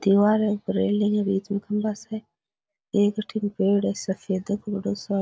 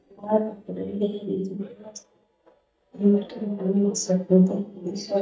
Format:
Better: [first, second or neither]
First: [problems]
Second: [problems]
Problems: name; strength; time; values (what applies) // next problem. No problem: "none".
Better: first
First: none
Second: noise reduction (neural mask model DeepFilterNet 3)